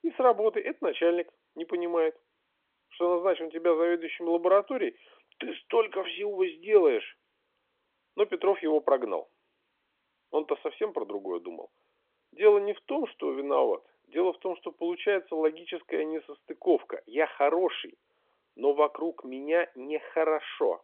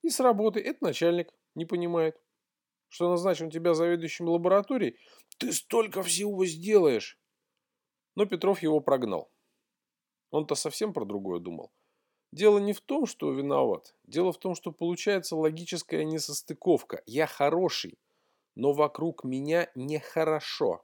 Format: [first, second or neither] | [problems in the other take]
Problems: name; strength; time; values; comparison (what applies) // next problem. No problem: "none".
second | phone-call audio; nothing above 3.5 kHz